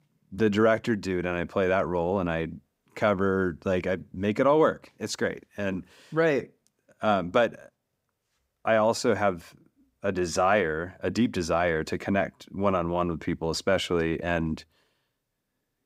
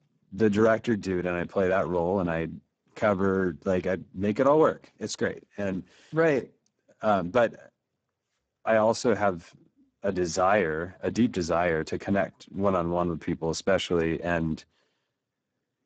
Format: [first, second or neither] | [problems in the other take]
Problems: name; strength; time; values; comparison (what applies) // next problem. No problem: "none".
first | garbled, watery; badly; nothing above 7.5 kHz